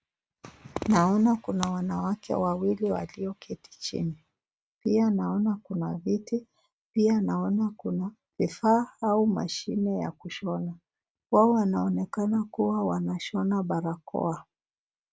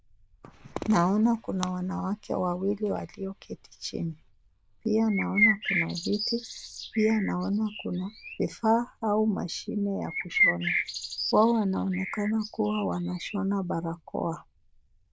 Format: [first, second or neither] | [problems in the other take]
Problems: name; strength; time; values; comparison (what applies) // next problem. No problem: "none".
first | noise reduction (neural diffusion model UNIVERSE++)